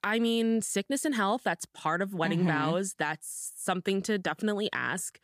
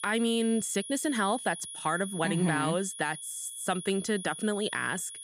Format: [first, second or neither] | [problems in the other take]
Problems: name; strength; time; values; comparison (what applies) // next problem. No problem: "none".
first | high-pitched whine; loud; throughout; 10.5 kHz, 9 dB below the speech